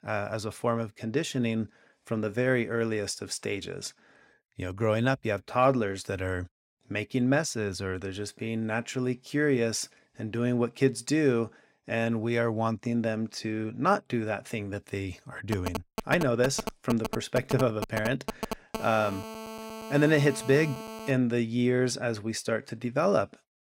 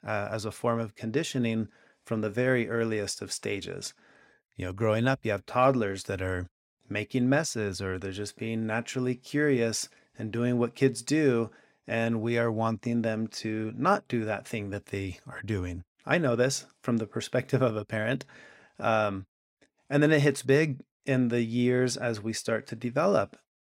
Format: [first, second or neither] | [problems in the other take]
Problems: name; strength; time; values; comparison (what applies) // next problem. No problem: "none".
second | phone ringing; noticeable; from 16 to 21 s; peak 8 dB below the speech